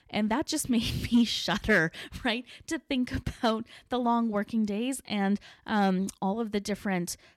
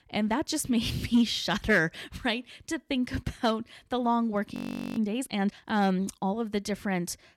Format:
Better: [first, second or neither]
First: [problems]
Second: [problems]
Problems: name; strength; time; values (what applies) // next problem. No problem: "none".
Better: first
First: none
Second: audio freezing; at 4.5 s